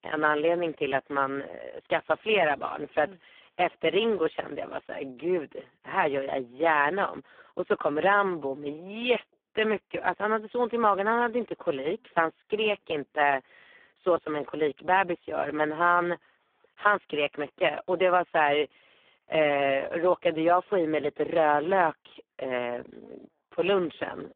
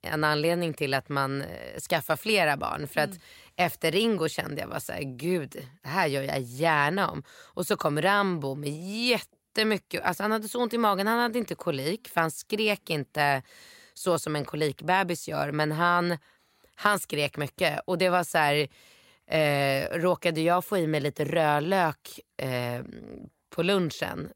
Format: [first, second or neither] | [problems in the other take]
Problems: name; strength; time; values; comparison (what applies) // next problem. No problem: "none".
second | phone-call audio; poor line